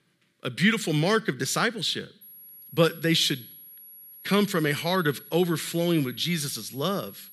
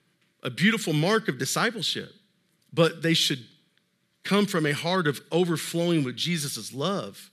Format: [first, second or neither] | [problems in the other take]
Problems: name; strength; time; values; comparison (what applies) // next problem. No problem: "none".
second | high-pitched whine; noticeable; from 2 s on; 11.5 kHz, 20 dB below the speech